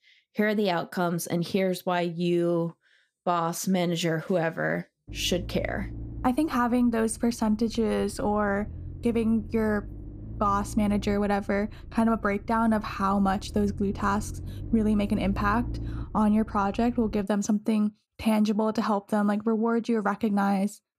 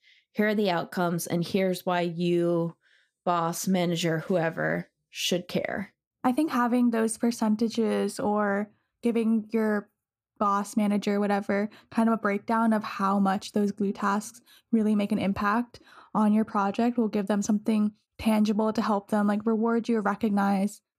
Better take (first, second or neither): second